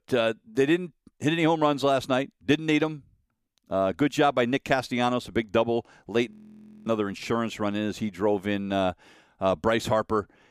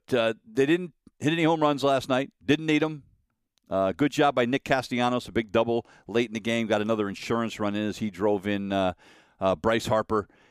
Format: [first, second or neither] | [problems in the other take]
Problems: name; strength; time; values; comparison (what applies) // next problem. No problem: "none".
second | audio freezing; at 6.5 s for 0.5 s